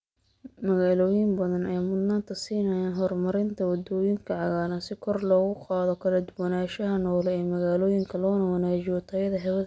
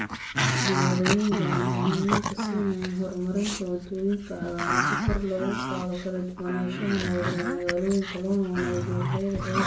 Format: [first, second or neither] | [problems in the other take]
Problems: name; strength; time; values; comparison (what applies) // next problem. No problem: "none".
first | background sound (Growling); 1 dB below the speech // room echo; dies away in 0.3 s